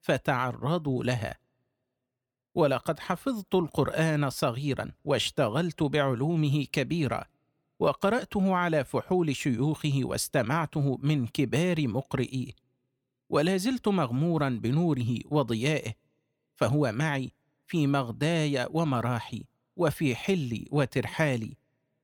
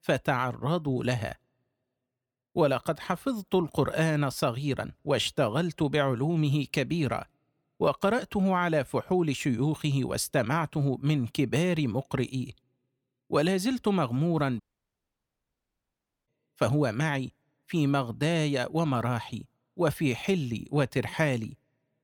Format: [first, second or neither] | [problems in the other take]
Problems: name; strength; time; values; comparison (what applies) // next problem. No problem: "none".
first | audio cutting out; at 15 s for 1.5 s